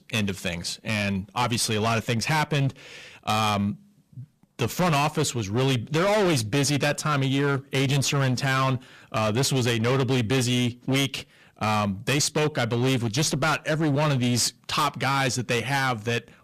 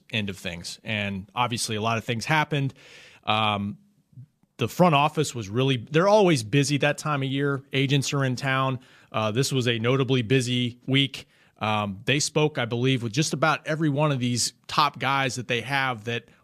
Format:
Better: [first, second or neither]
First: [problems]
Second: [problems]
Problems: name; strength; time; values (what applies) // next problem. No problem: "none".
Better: second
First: distortion; heavy; 20% of the sound clipped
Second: none